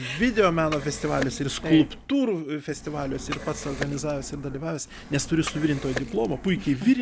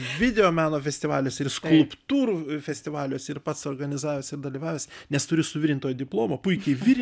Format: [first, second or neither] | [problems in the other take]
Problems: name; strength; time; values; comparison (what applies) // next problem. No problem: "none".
second | background sound (Liquid); 12 dB below the speech